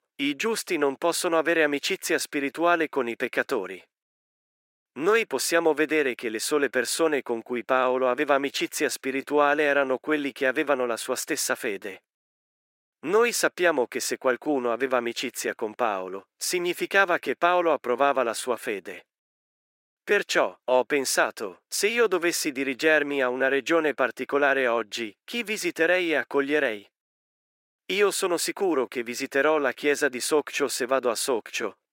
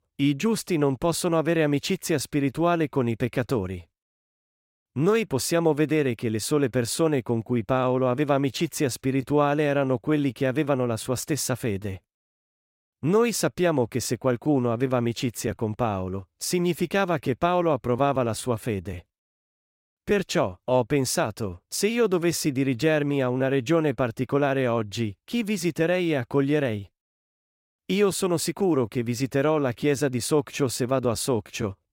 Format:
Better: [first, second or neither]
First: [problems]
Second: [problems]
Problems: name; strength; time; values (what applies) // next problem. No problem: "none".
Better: second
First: thin; somewhat; fading below 350 Hz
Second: none